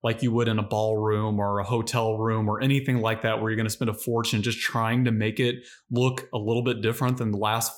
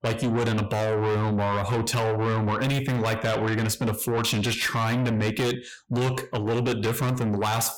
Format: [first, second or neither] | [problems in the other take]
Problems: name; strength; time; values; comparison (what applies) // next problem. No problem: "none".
first | distortion; heavy; 6 dB below the speech